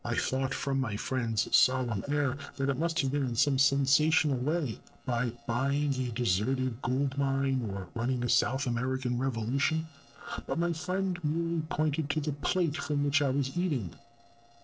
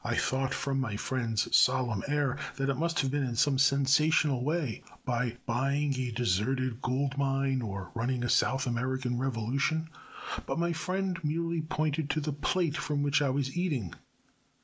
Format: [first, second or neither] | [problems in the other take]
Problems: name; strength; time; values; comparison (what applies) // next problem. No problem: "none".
second | noise reduction (neural separator model SepFormer DNS4)